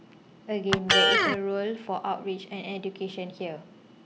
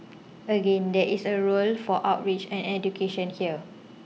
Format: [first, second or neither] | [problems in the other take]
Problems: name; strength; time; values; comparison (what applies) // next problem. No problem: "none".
second | background sound (Electric guitar); 4 dB above the speech